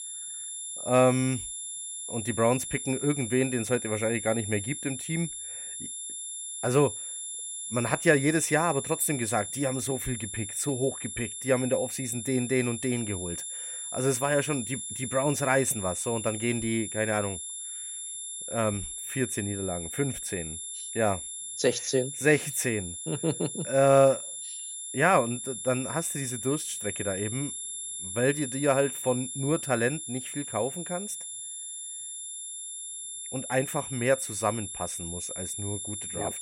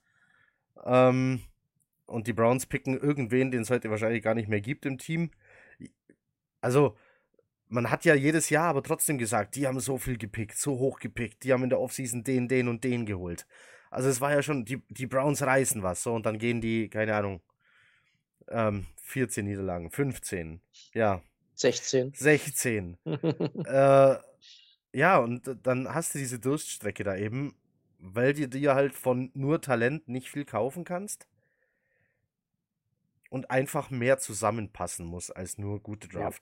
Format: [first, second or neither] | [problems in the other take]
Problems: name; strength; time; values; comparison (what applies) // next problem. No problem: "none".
second | high-pitched whine; loud; throughout; 10.5 kHz, 6 dB below the speech